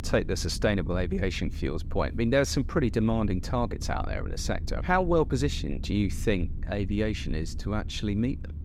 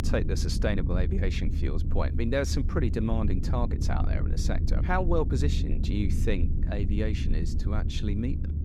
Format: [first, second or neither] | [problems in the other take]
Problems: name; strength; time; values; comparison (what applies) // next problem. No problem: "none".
first | low rumble; loud; throughout; 9 dB below the speech; faint in the first